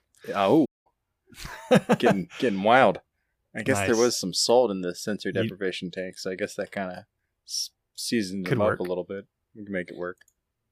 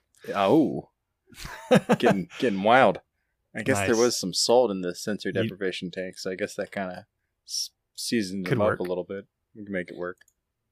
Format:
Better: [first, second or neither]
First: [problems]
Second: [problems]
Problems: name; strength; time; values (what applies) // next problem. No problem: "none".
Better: second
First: audio cutting out; at 0.5 s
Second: none